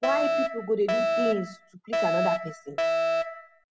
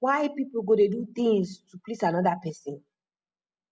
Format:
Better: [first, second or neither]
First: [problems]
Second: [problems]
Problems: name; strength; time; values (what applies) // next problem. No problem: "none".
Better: second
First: background sound (Alarm); 4 dB above the speech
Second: none